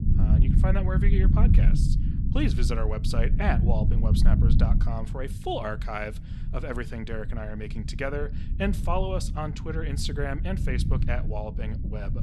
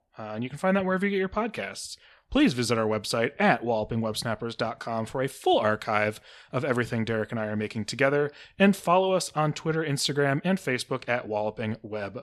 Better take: second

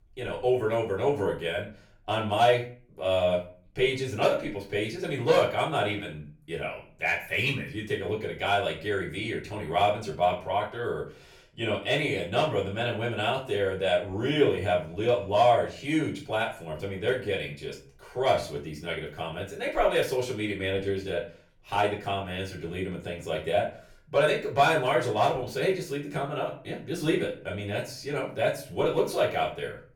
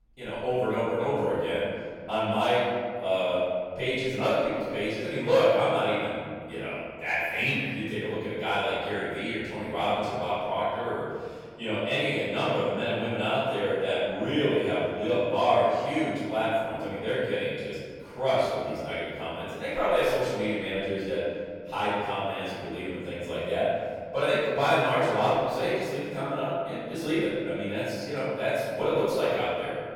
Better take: first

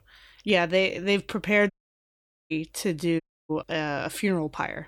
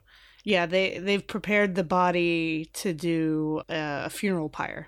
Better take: second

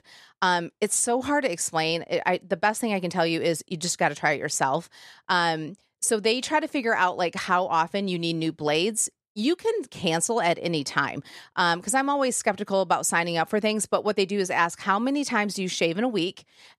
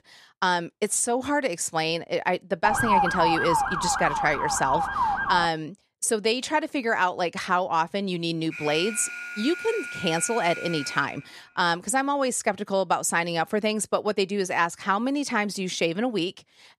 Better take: first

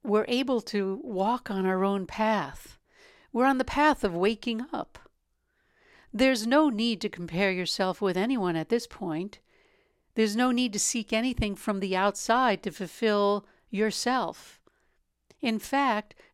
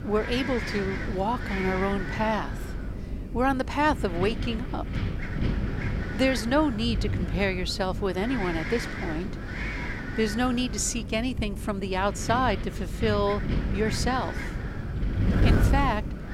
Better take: first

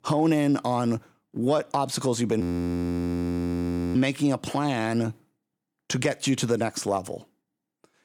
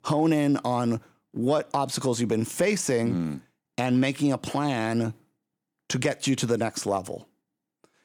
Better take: second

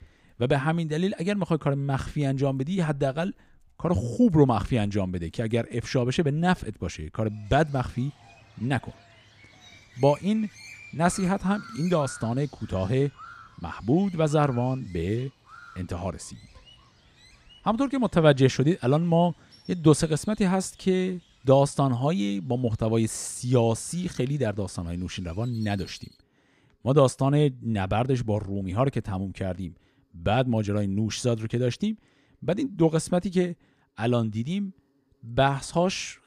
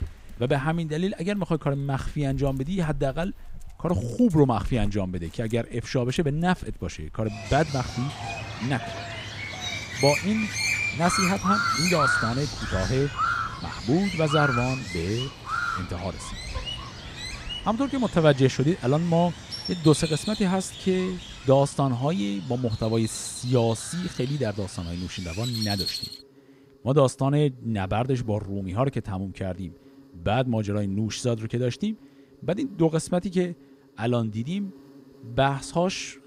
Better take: first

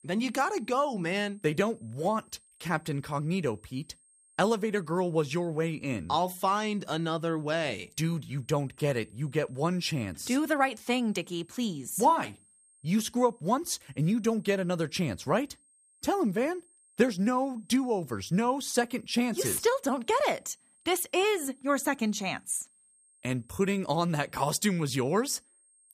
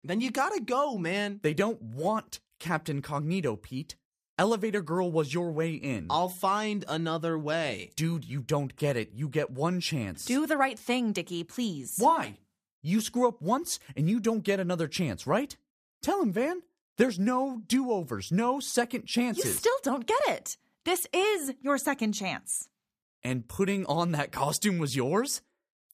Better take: second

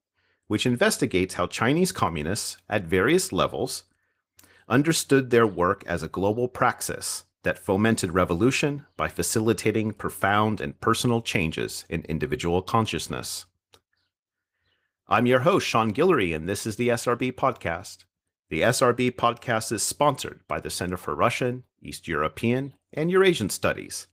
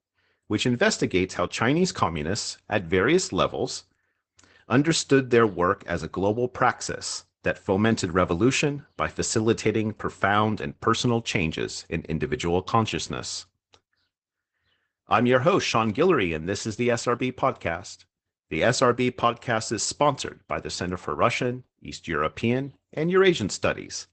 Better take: first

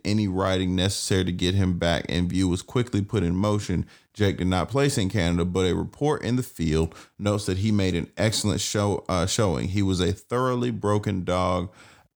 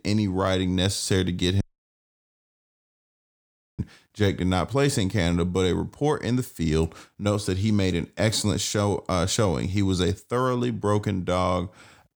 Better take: first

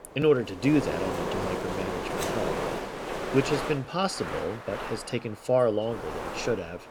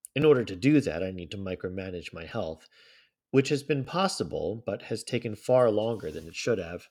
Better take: second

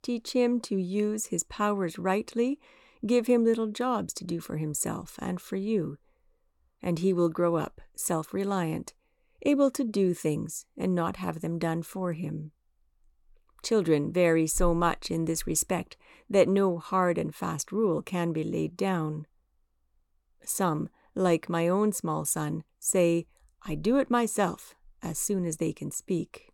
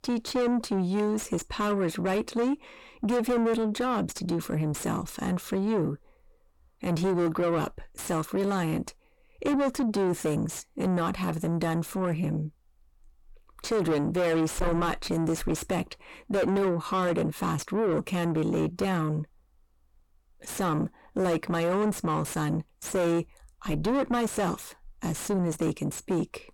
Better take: first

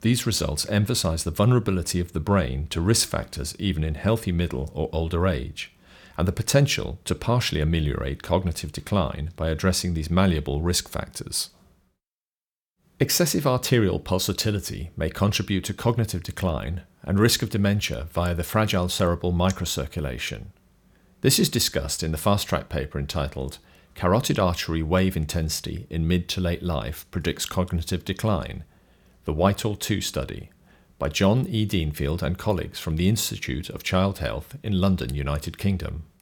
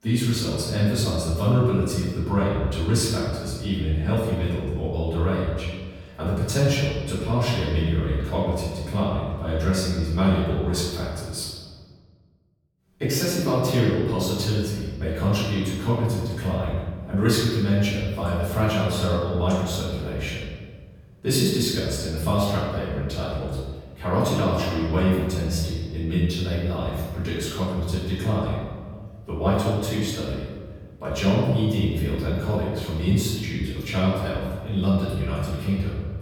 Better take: first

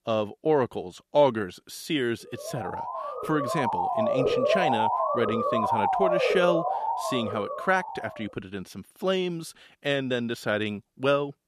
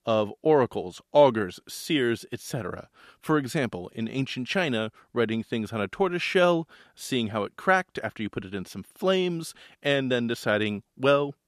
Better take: second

